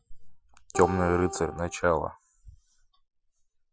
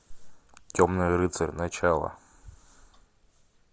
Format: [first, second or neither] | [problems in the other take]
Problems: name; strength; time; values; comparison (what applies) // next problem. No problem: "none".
second | noise reduction (classical method Wiener filter)